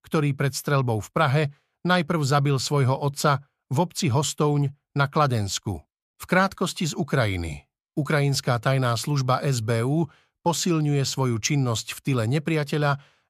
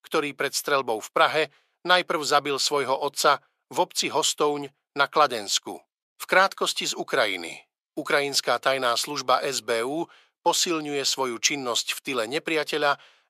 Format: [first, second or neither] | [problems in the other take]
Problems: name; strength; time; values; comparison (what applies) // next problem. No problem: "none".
first | thin; very; fading below 400 Hz